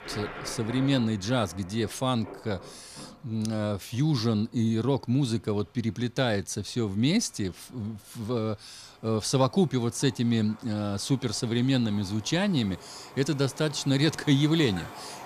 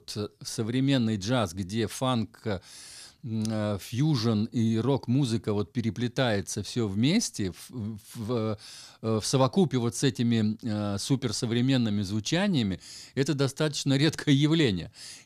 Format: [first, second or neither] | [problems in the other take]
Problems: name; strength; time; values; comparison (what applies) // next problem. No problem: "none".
second | rain or running water; noticeable; throughout; 20 dB below the speech